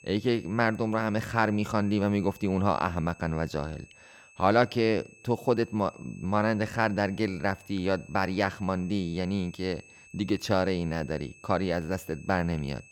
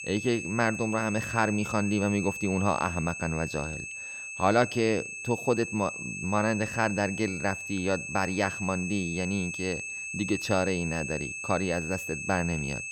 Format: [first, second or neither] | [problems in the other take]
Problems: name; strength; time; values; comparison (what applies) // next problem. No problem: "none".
first | high-pitched whine; loud; throughout; 2.5 kHz, 6 dB below the speech; faint in the first